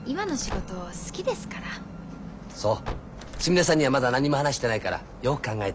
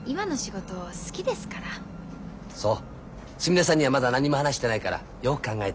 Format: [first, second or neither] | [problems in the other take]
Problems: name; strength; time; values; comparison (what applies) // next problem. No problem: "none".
second | background sound (Car + Door); 14 dB below the speech